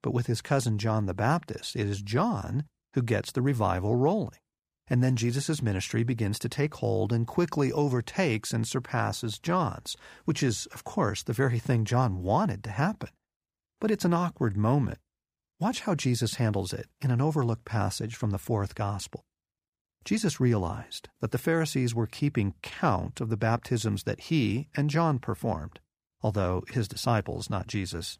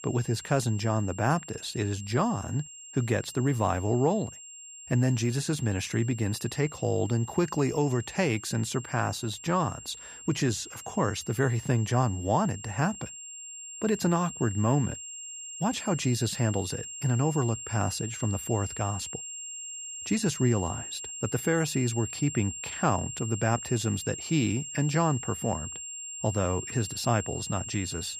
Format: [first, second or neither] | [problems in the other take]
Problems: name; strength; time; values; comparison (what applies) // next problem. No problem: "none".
first | high-pitched whine; loud; throughout; 7.5 kHz, 10 dB below the speech